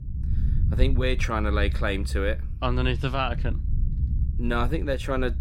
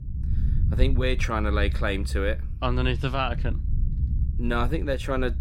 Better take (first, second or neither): neither